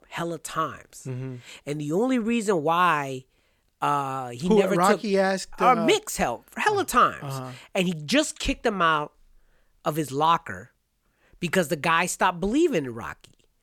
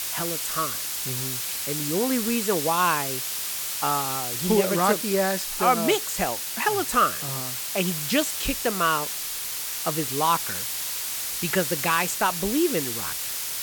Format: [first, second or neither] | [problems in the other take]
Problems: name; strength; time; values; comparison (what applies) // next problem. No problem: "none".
first | hiss; loud; throughout; 2 dB below the speech